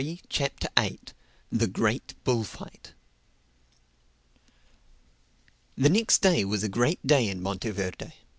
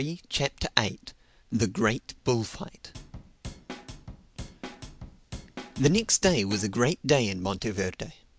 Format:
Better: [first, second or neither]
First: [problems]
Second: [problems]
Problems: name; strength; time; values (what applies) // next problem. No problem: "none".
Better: first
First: none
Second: background sound (Drum / Drum kit); 13 dB below the speech